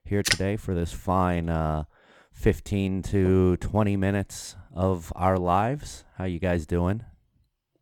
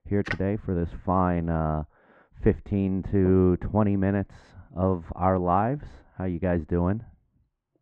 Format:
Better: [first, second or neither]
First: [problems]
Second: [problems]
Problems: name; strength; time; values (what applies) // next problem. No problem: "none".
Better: first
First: none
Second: muffled; very; fading above 1.5 kHz